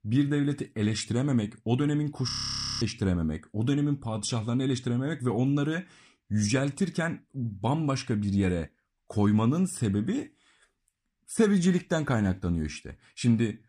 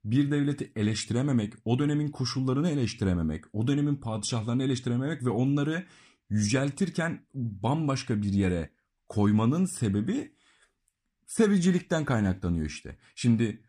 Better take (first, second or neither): second